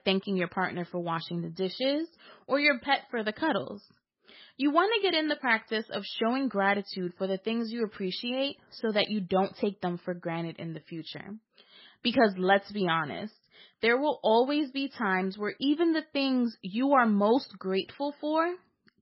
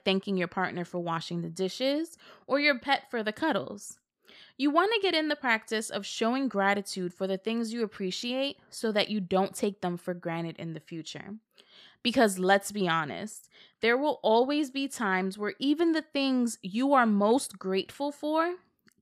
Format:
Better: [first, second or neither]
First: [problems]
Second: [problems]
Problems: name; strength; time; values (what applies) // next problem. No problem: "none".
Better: second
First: garbled, watery; badly; nothing above 5 kHz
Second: none